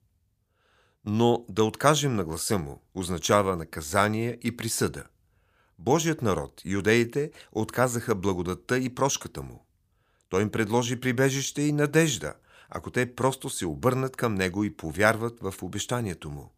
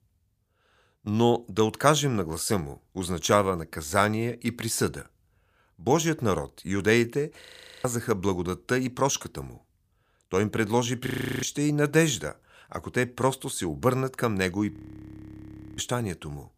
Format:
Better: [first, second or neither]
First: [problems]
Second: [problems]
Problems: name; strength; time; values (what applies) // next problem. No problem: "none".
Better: first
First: none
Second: audio freezing; at 7.5 s, at 11 s and at 15 s for 1 s